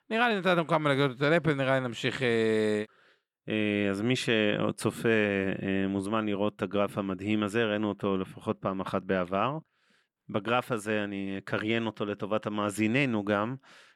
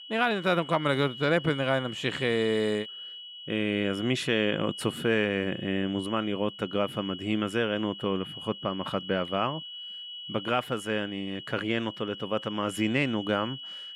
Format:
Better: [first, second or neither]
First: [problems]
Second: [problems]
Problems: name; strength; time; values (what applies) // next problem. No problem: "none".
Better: first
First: none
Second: high-pitched whine; noticeable; throughout; 3 kHz, 10 dB below the speech